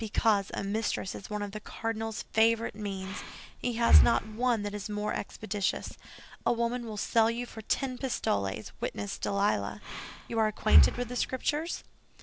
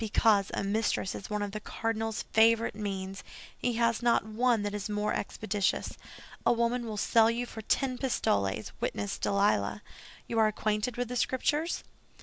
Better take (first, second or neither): second